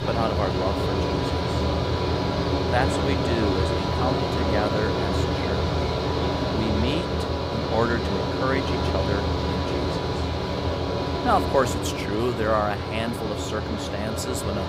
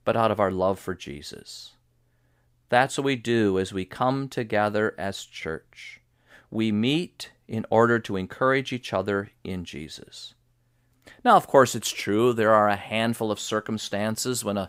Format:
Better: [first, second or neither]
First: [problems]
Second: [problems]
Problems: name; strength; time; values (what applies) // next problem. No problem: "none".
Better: second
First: machinery noise; very loud; throughout; 3 dB above the speech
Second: none